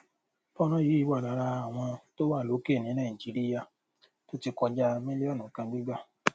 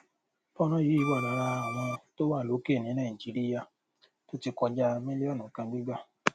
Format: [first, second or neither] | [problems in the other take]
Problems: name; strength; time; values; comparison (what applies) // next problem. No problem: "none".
first | background sound (Bowed string instrument); 5 dB below the speech